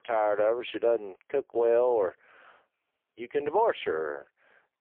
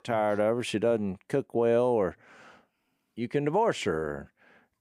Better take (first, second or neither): second